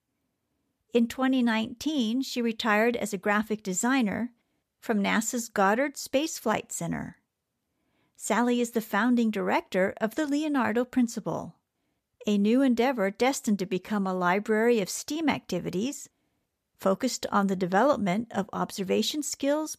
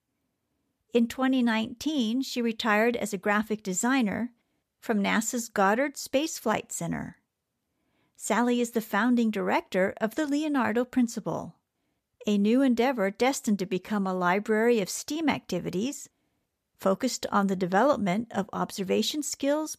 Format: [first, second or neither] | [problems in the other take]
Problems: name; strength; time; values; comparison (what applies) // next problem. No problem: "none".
neither | none